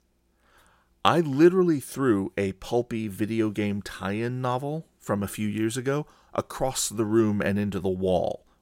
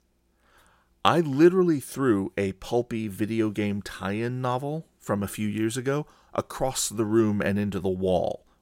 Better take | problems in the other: neither | none

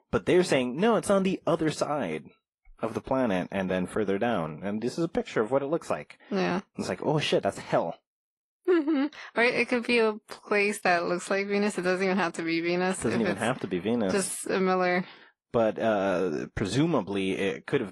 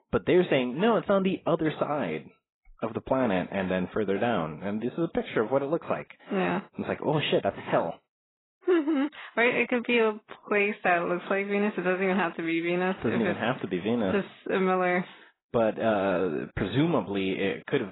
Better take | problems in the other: first | garbled, watery; badly; nothing above 4 kHz; slightly in the first

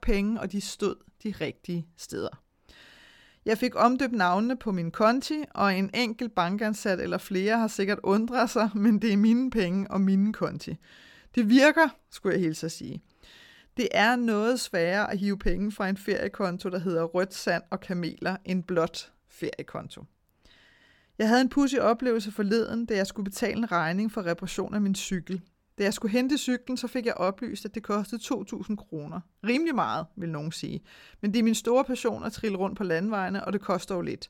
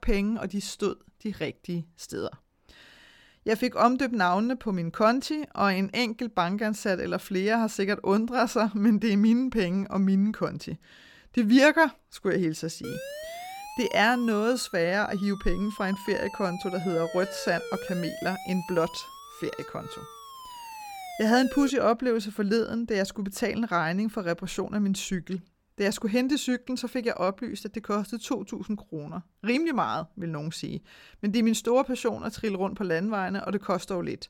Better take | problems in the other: first | siren; noticeable; from 13 to 22 s; peak 10 dB below the speech

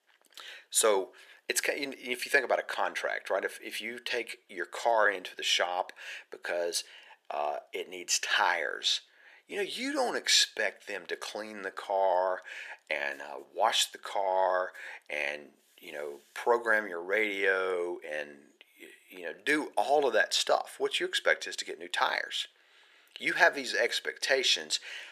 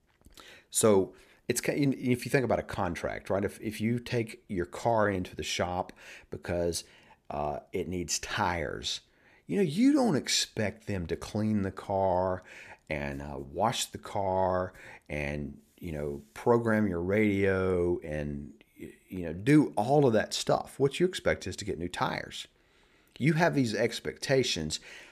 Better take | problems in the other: second | thin; very; fading below 500 Hz

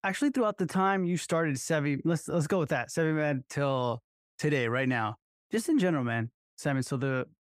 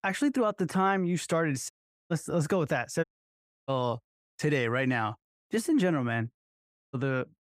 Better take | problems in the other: first | audio cutting out; at 1.5 s, at 3 s for 0.5 s and at 6.5 s

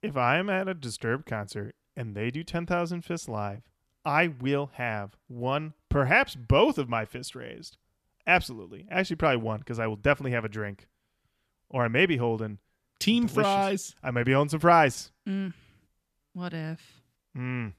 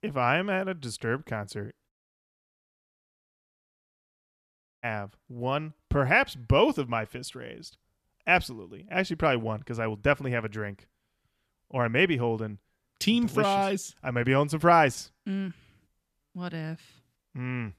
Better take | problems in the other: first | audio cutting out; at 2 s for 3 s

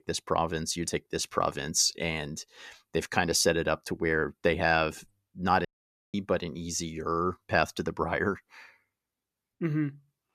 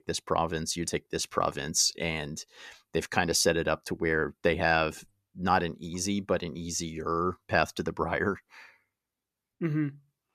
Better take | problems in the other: second | audio cutting out; at 5.5 s

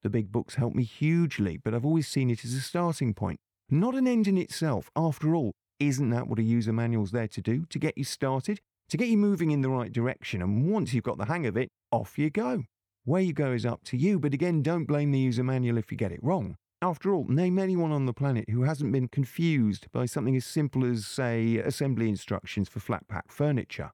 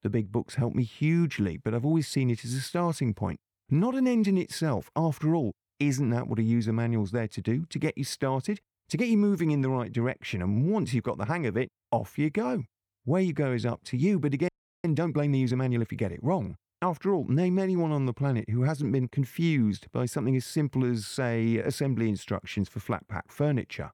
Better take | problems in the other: first | audio freezing; at 14 s

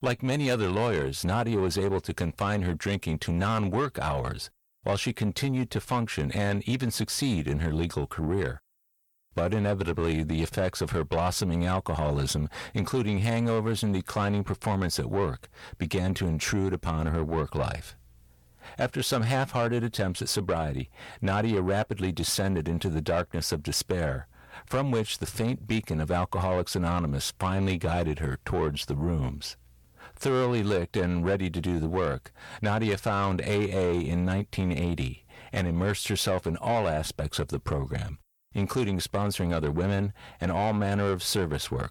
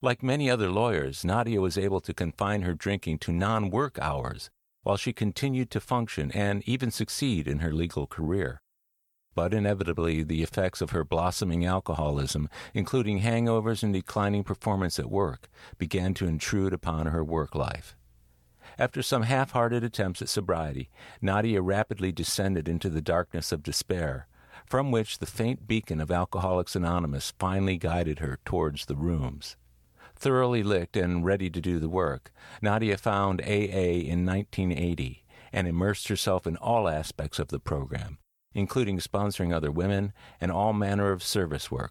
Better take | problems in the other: second | distortion; slight; 10 dB below the speech

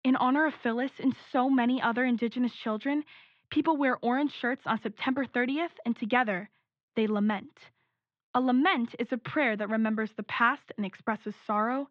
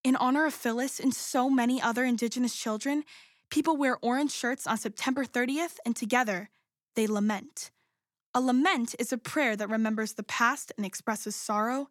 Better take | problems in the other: second | muffled; very; fading above 3.5 kHz

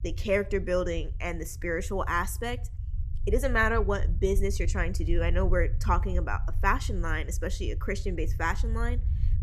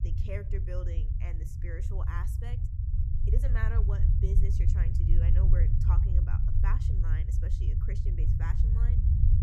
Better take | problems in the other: first | low rumble; loud; throughout; as loud as the speech; faint in the first

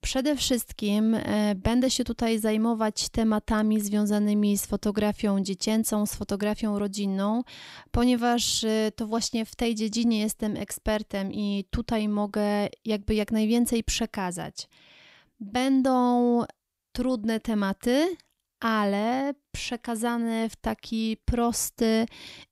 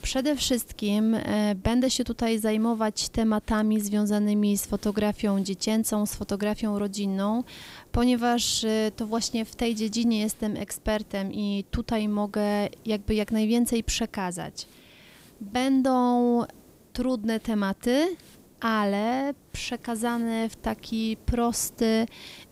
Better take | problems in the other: first | hiss; faint; throughout; 25 dB below the speech

